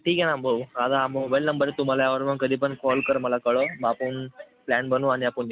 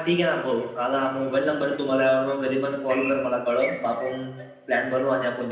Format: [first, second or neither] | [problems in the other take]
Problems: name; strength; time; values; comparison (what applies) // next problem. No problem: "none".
first | room echo; dies away in 0.9 s